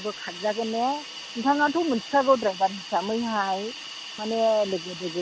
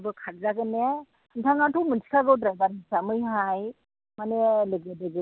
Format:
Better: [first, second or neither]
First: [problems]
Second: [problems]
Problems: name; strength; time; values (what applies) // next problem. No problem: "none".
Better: second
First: background sound (Hiss); 13 dB below the speech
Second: none